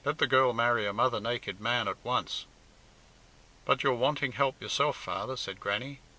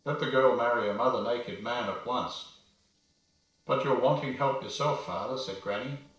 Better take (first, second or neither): first